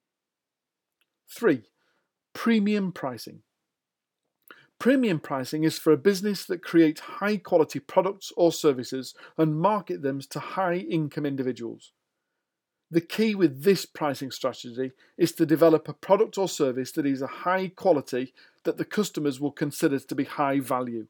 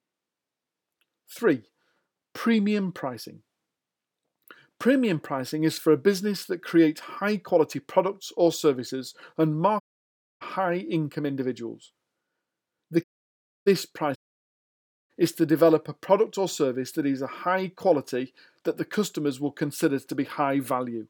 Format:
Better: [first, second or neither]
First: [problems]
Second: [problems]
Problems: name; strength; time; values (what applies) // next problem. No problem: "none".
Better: first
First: none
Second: audio cutting out; at 10 s for 0.5 s, at 13 s for 0.5 s and at 14 s for 1 s